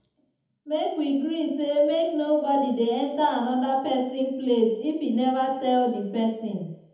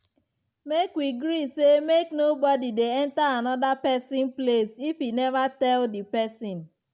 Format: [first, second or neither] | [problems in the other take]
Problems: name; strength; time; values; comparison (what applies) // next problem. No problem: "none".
second | room echo; dies away in 1 s